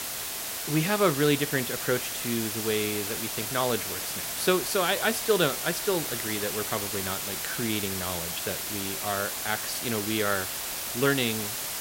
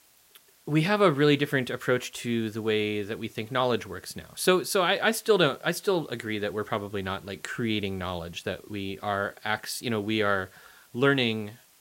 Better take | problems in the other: second | hiss; loud; throughout; 2 dB below the speech; faint in the second

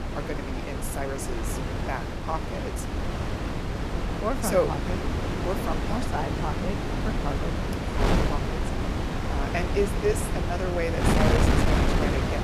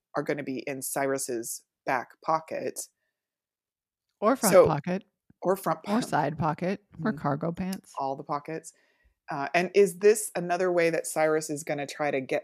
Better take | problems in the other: second | wind noise on the microphone; heavy; as loud as the speech

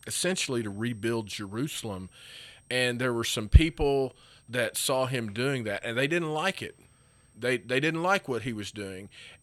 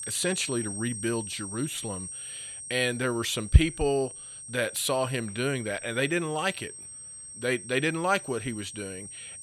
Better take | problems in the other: first | high-pitched whine; loud; throughout; 8.5 kHz, 9 dB below the speech; faint in the first

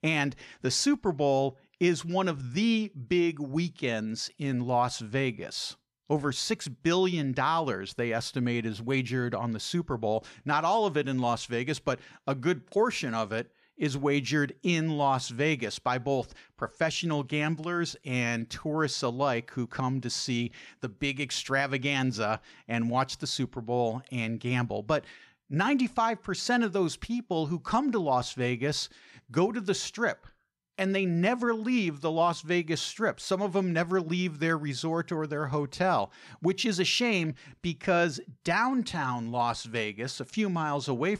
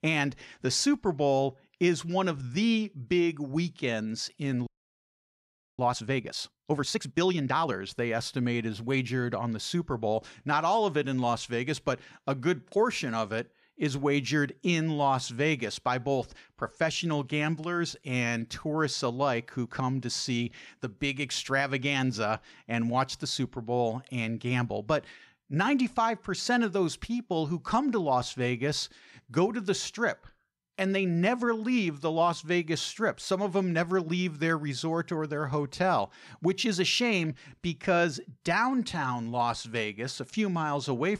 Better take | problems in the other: first | audio freezing; at 4.5 s for 1 s

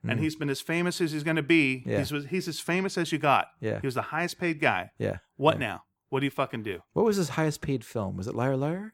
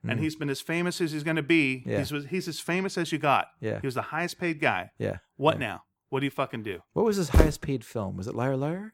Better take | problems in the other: first | footsteps; loud; at 7.5 s; peak 4 dB above the speech

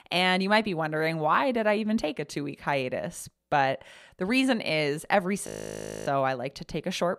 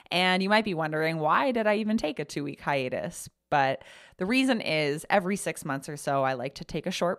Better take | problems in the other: second | audio freezing; at 5.5 s for 0.5 s

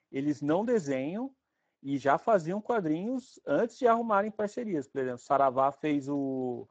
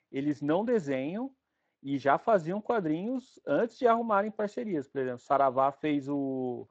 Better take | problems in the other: second | garbled, watery; badly; nothing above 7.5 kHz; slightly in the second

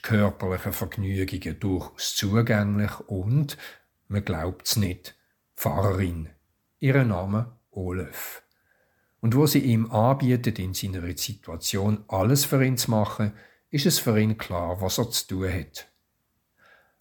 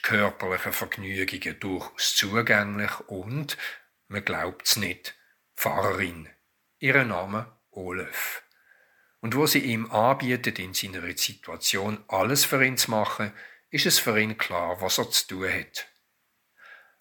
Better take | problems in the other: first | thin; somewhat; fading below 1 kHz

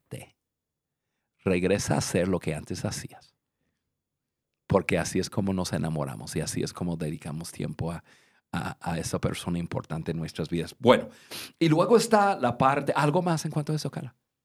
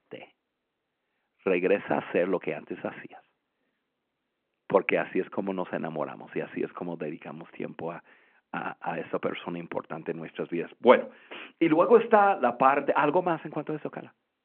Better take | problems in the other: first | phone-call audio

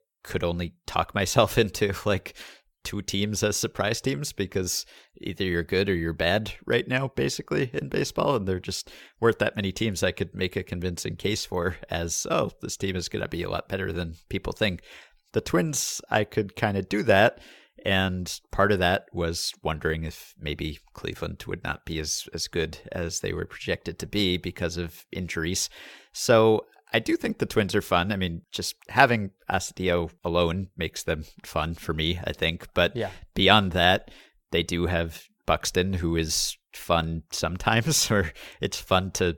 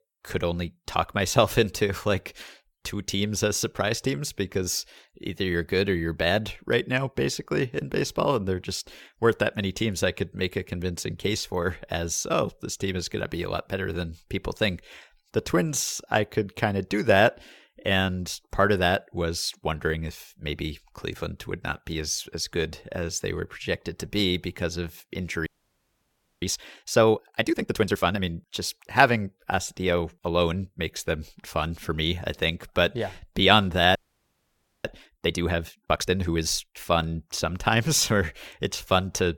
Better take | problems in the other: first | audio freezing; at 25 s for 1 s and at 34 s for 1 s

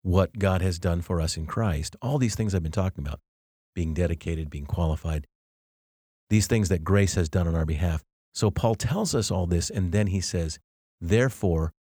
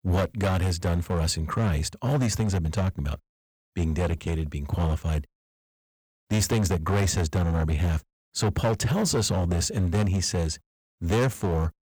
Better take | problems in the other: first | distortion; heavy; 12% of the sound clipped

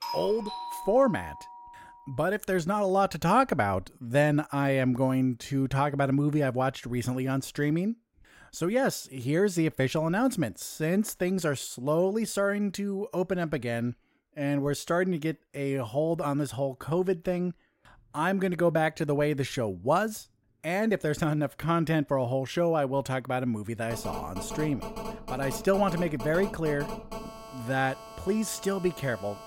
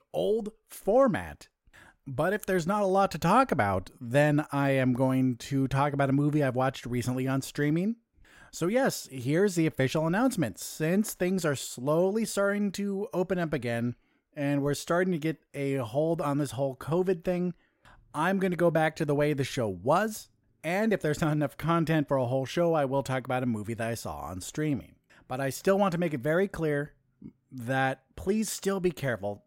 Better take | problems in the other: second | doorbell; noticeable; until 2 s; peak 7 dB below the speech // phone ringing; noticeable; from 24 s on; peak 10 dB below the speech

